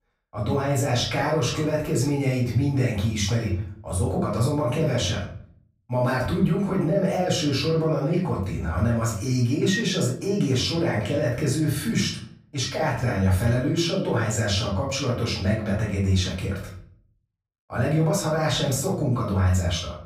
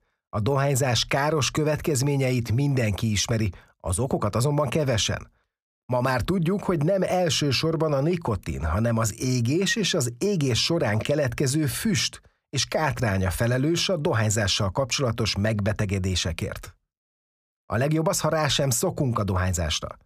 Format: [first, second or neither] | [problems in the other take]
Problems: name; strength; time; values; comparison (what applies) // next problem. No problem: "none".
second | off-mic speech; far // room echo; noticeable; dies away in 0.5 s